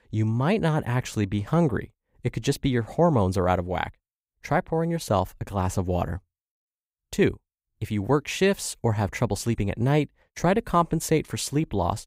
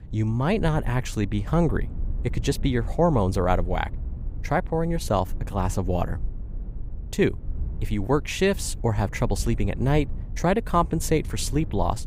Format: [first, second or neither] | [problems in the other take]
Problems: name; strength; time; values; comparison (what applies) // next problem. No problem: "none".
first | low rumble; faint; throughout; 25 dB below the speech